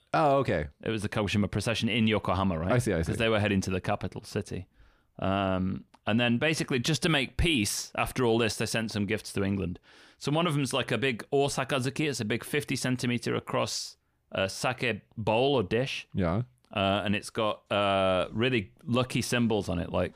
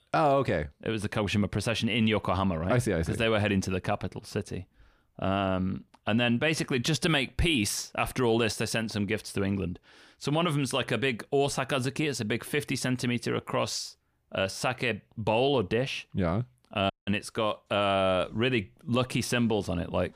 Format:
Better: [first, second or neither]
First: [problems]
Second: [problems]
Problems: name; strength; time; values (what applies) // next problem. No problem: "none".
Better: first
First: none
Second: audio cutting out; at 17 s